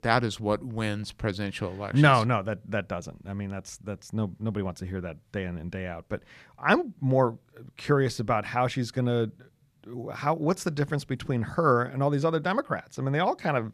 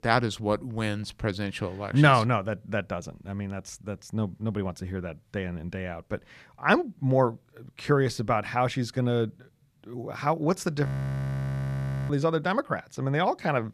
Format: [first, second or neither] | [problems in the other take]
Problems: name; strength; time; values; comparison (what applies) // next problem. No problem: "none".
first | audio freezing; at 11 s for 1 s